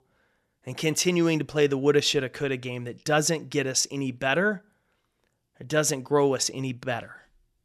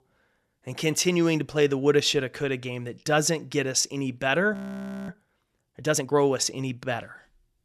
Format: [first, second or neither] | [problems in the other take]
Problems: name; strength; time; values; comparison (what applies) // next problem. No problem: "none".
first | audio freezing; at 4.5 s for 0.5 s